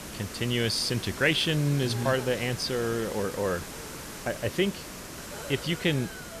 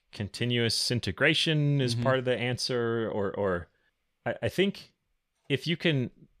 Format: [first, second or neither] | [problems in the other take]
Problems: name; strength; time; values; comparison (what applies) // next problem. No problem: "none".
second | hiss; noticeable; throughout; 10 dB below the speech